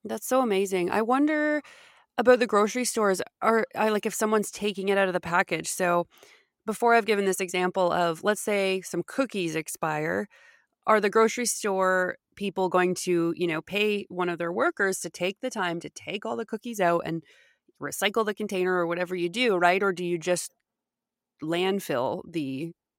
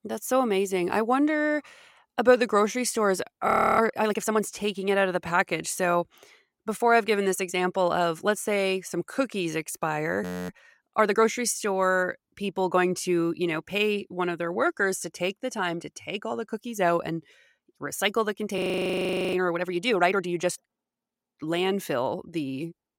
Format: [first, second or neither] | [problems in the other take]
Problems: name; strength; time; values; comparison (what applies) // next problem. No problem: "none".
first | audio freezing; at 3.5 s, at 10 s and at 19 s for 1 s